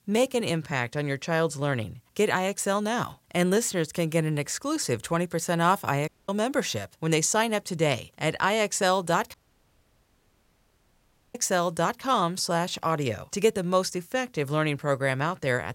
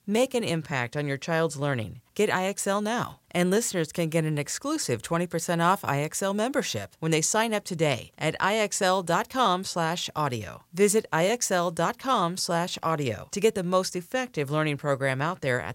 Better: second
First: audio cutting out; at 6 s and at 9.5 s for 2 s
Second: none

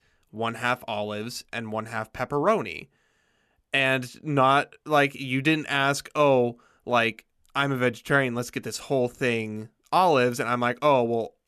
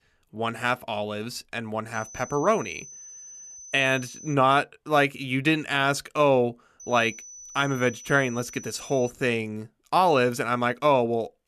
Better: first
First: none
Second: high-pitched whine; noticeable; from 2 to 4.5 s and from 7 to 9 s; 6 kHz, 15 dB below the speech

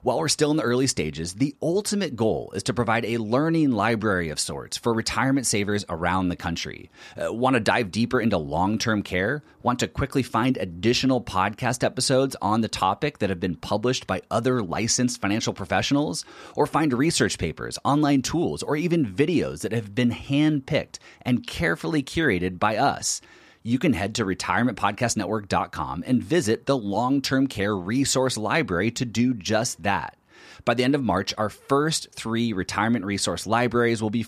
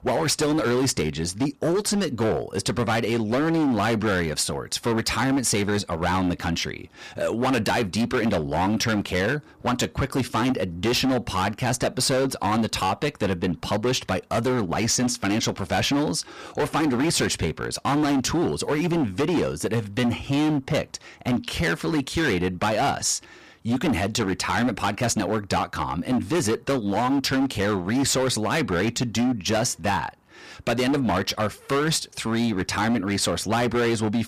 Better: first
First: none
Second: distortion; heavy; 19% of the sound clipped

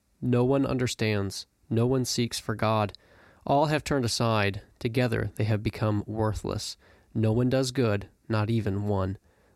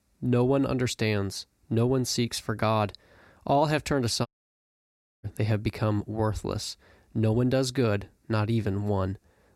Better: first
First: none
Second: audio cutting out; at 4.5 s for 1 s

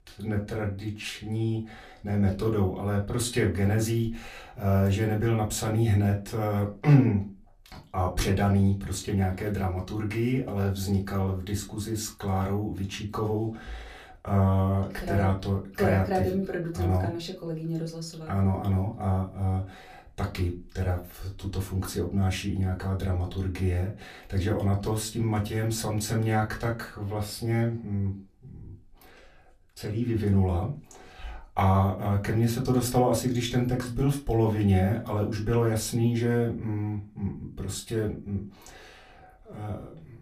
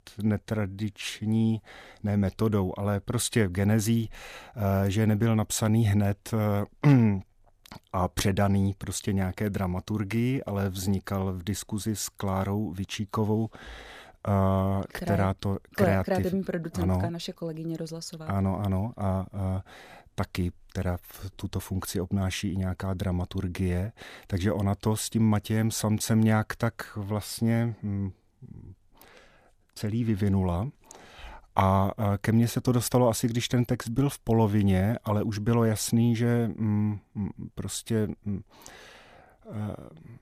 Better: second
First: off-mic speech; far // room echo; very slight; dies away in 0.2 s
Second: none

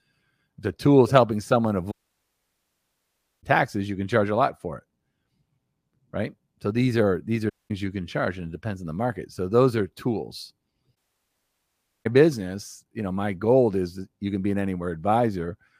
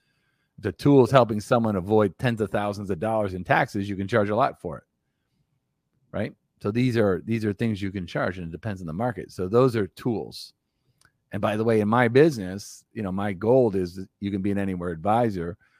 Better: second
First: audio cutting out; at 2 s for 1.5 s, at 7.5 s and at 11 s for 1 s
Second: none

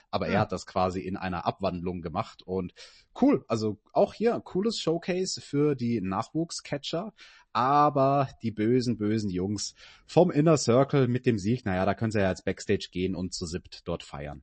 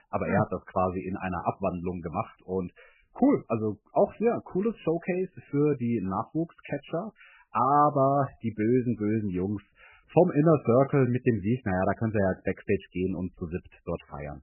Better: first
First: garbled, watery; slightly; nothing above 8 kHz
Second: garbled, watery; badly; nothing above 2.5 kHz

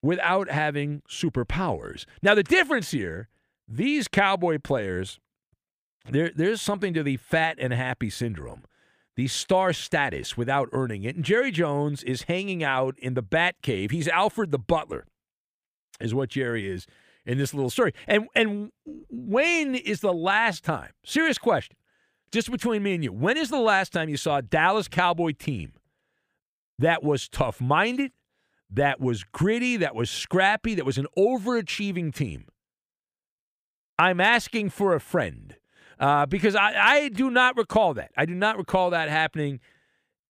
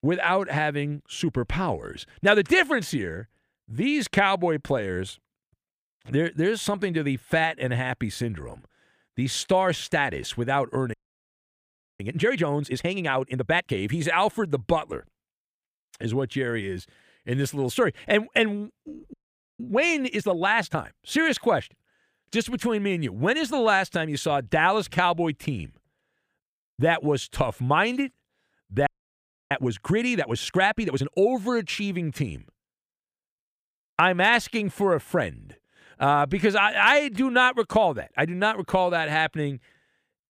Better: first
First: none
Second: audio freezing; at 11 s for 1 s, at 19 s and at 29 s for 0.5 s

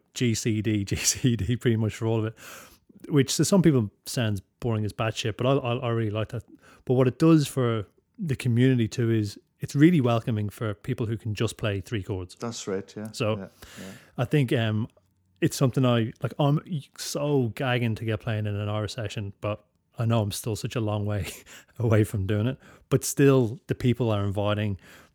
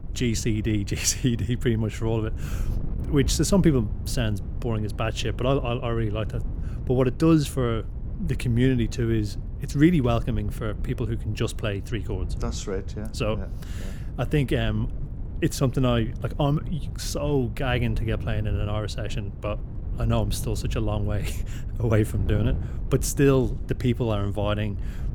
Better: first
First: none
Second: wind noise on the microphone; occasional gusts; 15 dB below the speech

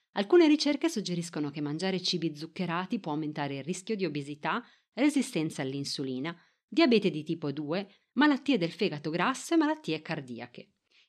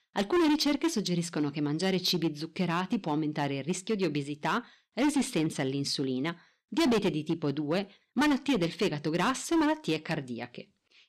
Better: first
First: none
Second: distortion; heavy; 9% of the sound clipped

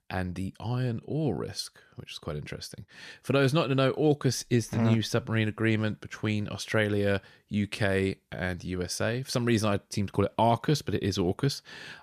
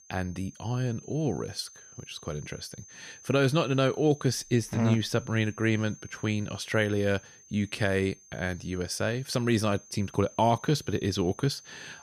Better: first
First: none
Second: high-pitched whine; faint; throughout; 6.5 kHz, 20 dB below the speech

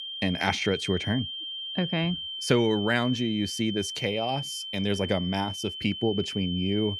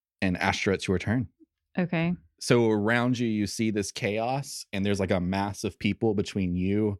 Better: second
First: high-pitched whine; loud; throughout; 3 kHz, 6 dB below the speech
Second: none

